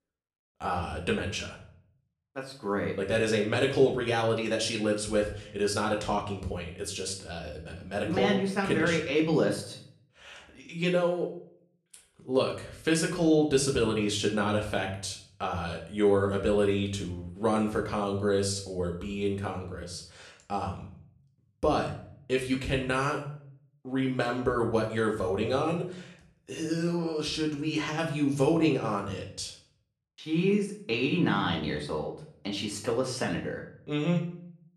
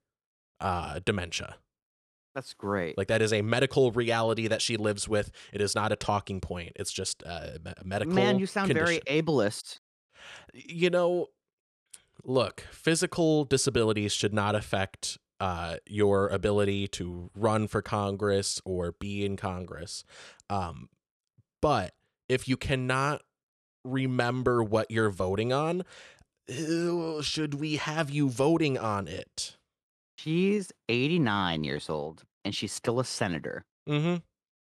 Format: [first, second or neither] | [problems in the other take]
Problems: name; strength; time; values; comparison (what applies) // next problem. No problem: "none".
second | room echo; slight; dies away in 0.5 s // off-mic speech; somewhat distant